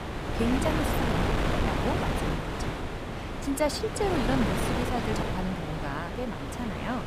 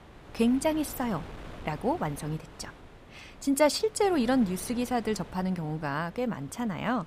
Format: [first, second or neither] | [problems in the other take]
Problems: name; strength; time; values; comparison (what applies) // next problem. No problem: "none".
second | wind noise on the microphone; heavy; 2 dB above the speech; occasional gusts in the second